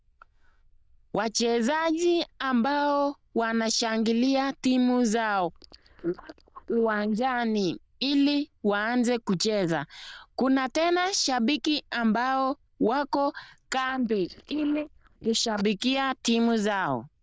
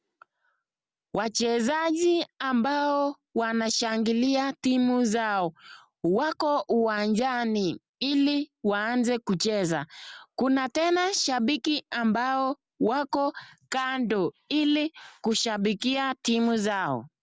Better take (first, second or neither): second